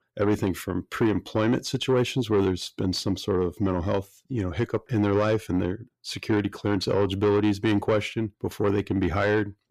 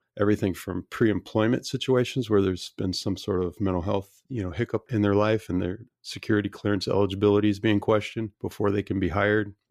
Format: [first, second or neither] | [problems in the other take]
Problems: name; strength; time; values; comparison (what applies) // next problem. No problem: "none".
second | distortion; slight; 10 dB below the speech